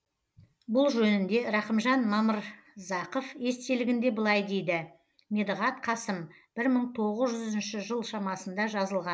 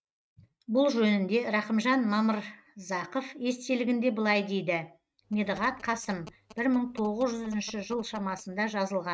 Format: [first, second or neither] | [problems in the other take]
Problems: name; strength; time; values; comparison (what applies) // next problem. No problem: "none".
first | noise reduction (neural mask model RNNoise)